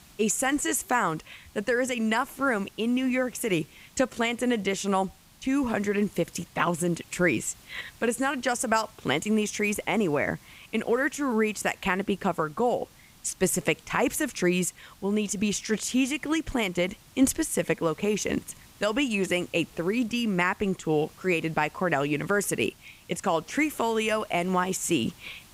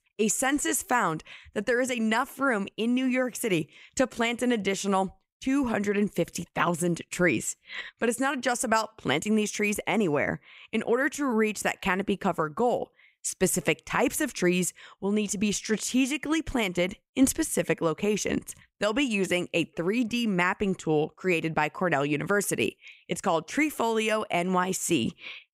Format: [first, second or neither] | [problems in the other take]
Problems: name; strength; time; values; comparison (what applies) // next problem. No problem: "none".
second | hiss; faint; throughout; 25 dB below the speech